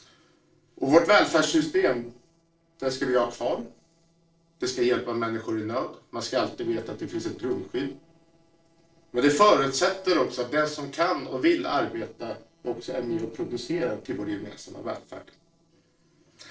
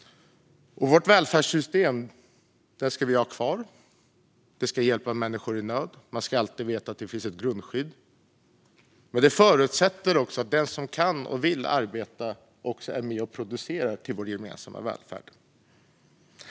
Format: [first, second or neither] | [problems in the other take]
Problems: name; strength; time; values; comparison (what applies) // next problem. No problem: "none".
second | noise reduction (neural separator model SepFormer DNS4)